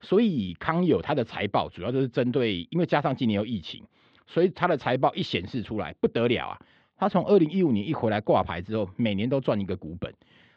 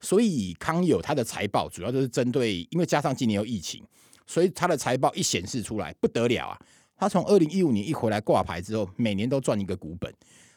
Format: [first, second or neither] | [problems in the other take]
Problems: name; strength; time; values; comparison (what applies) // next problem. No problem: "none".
second | muffled; very; fading above 4 kHz